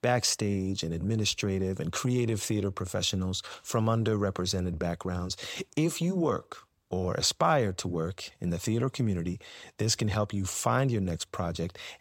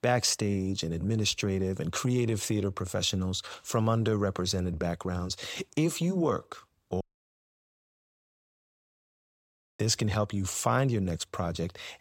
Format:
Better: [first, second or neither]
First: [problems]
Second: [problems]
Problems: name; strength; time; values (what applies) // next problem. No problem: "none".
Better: first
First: none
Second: audio cutting out; at 7 s for 3 s